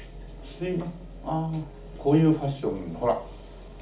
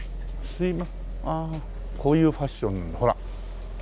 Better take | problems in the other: second | room echo; dies away in 0.4 s

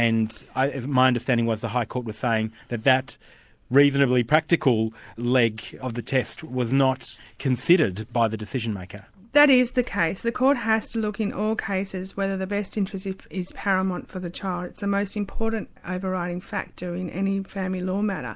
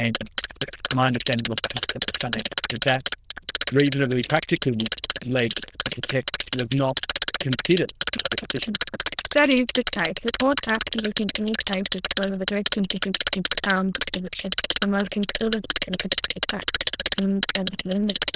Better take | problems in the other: first | noise reduction (neural diffusion model UNIVERSE++)

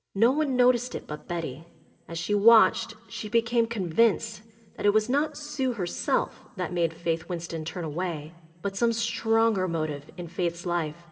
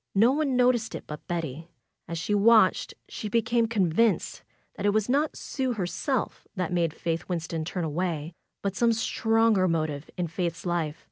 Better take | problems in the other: second | room echo; dies away in 0.5 s

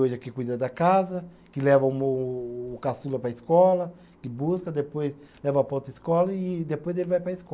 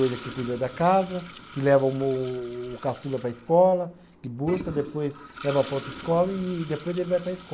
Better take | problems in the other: first | background sound (Toilet flush); 16 dB below the speech

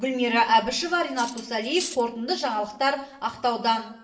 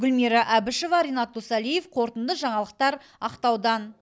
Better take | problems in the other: second | background sound (Cutlery, silverware); 12 dB below the speech // room echo; dies away in 0.6 s

